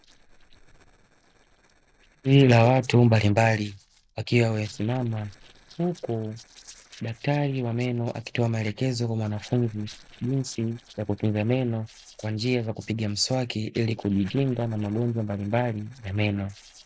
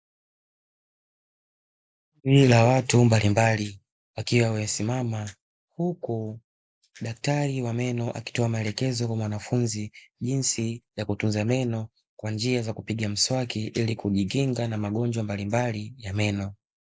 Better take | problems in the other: second | noise reduction (neural separator model SepFormer DNS4)

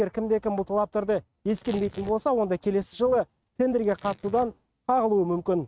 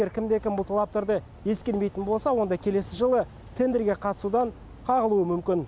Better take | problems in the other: second | noise reduction (neural mask model RNNoise)

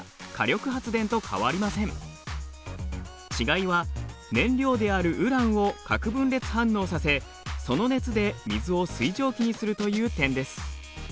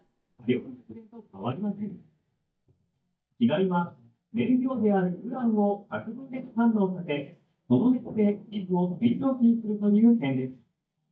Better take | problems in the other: first | noise reduction (neural mask model DeepFilterNet 3)

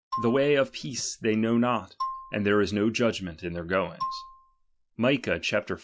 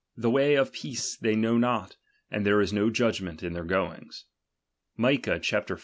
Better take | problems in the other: second | noise reduction (classical method log-MMSE)

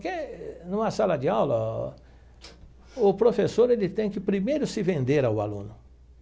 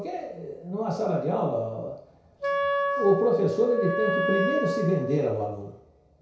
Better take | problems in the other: first | background sound (Wind instrument, woodwind instrument); 1 dB below the speech // room echo; dies away in 0.6 s

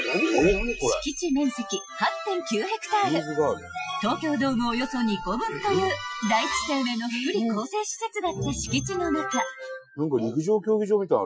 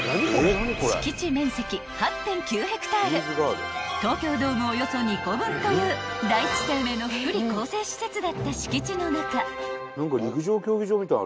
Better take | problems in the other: second | noise reduction (classical method Wiener filter)

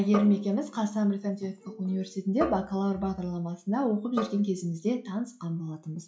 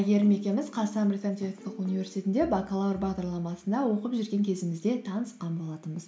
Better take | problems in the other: second | noise reduction (classical method log-MMSE)

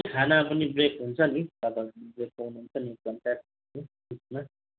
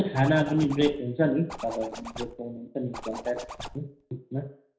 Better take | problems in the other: first | background sound (Zipper (clothing)); 13 dB below the speech // room echo; dies away in 0.5 s

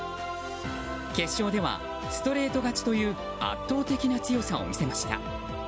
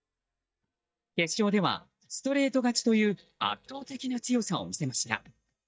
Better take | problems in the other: first | noise reduction (neural mask model DeepFilterNet 3)

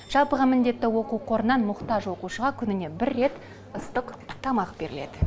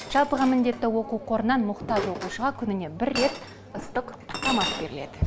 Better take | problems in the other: first | background sound (Chink, clink); 9 dB below the speech

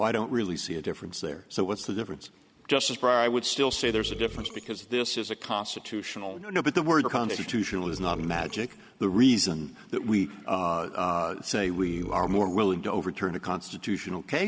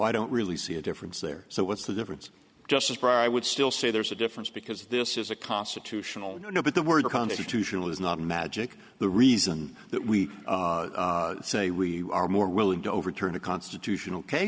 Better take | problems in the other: second | background sound (Burping, eructation); 13 dB below the speech

